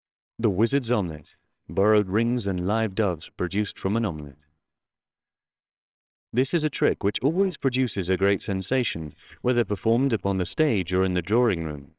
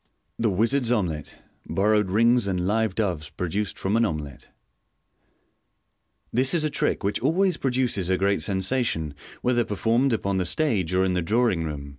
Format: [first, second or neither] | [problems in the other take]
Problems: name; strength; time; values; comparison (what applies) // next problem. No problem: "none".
second | noise reduction (neural separator model SepFormer WHAMR!)